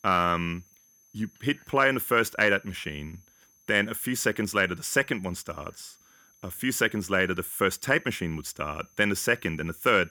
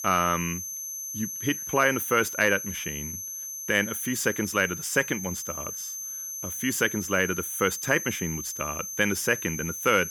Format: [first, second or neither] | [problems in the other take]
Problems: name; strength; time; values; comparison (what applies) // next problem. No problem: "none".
first | high-pitched whine; loud; throughout; 6 kHz, 6 dB below the speech; faint in the first